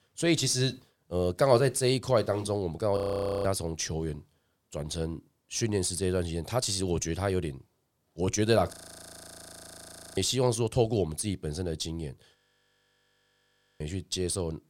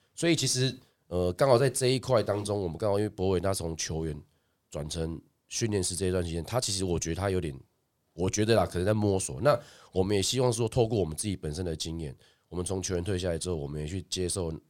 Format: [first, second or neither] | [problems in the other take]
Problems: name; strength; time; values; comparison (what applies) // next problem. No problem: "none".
second | audio freezing; at 3 s, at 8.5 s for 1.5 s and at 12 s for 1.5 s